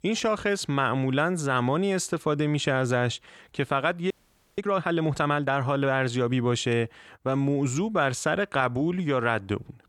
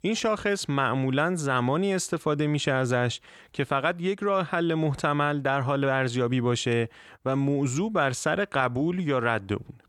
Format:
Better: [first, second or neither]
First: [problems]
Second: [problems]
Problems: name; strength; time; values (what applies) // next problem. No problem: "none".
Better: second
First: audio freezing; at 4 s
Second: none